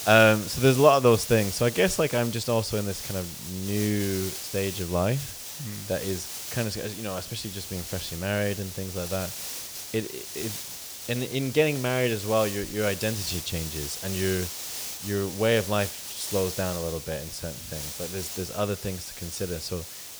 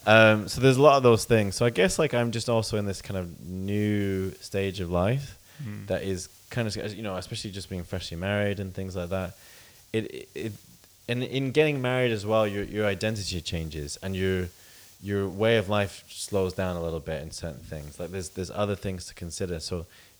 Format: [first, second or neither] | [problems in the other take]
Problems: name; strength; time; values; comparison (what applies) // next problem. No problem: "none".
second | hiss; loud; throughout; 7 dB below the speech; faint in the second